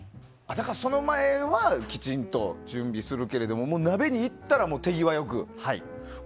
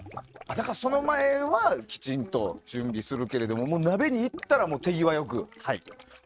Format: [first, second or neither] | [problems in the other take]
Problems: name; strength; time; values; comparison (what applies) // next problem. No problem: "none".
first | noise reduction (neural mask model RNNoise)